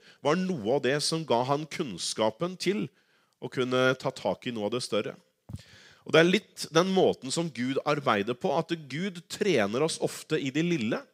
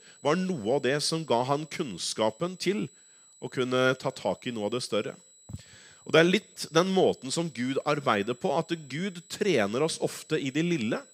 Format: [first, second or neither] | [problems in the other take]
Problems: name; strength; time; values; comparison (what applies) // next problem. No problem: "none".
first | high-pitched whine; faint; throughout; 8 kHz, 25 dB below the speech